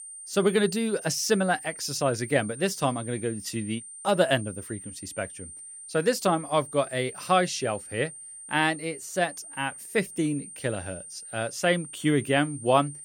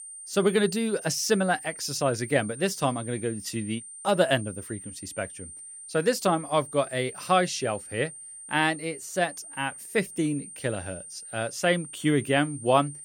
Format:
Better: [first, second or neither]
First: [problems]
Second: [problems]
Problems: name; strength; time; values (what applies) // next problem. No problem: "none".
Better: neither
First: high-pitched whine; noticeable; throughout; 9 kHz, 15 dB below the speech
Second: high-pitched whine; noticeable; throughout; 9 kHz, 15 dB below the speech